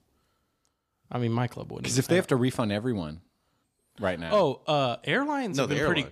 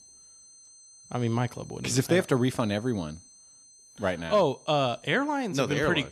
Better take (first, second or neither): first